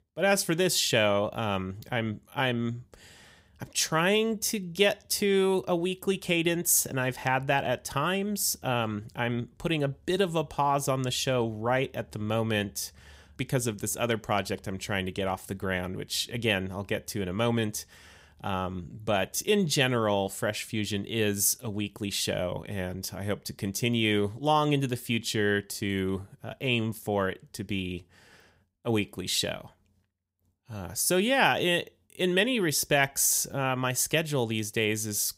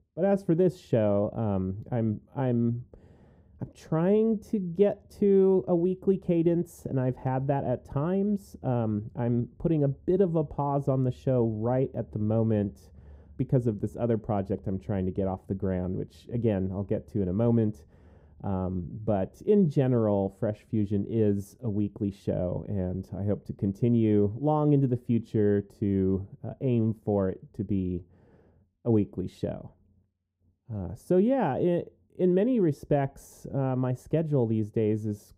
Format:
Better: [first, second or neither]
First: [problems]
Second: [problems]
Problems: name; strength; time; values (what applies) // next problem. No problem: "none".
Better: first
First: none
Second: muffled; very; fading above 1 kHz